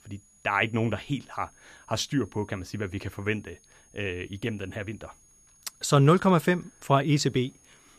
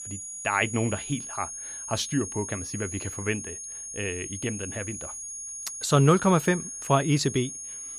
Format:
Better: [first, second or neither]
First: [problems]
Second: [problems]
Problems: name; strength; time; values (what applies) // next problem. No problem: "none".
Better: first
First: high-pitched whine; faint; throughout; 6.5 kHz, 30 dB below the speech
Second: high-pitched whine; loud; throughout; 6.5 kHz, 8 dB below the speech